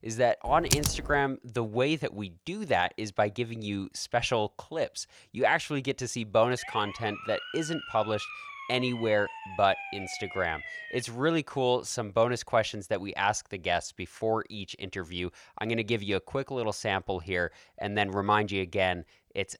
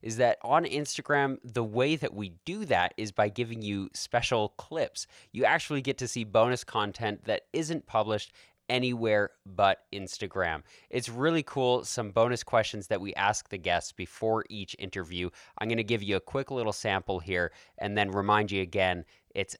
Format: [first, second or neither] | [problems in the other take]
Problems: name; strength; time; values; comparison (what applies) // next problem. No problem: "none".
second | keyboard typing; loud; at 0.5 s; peak 2 dB above the speech // siren; noticeable; from 6.5 to 11 s; peak 8 dB below the speech